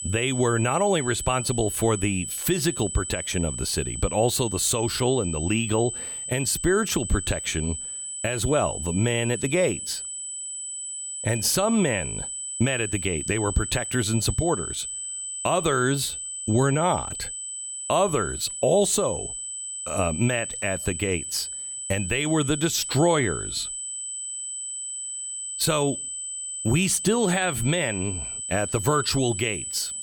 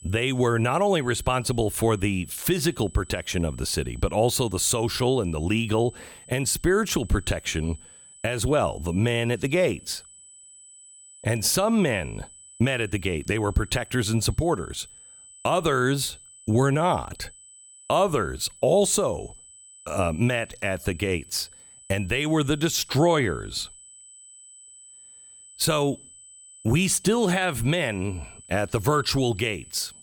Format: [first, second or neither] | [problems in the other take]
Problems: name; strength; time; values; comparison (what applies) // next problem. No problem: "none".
second | high-pitched whine; loud; throughout; 8 kHz, 6 dB below the speech; faint in the second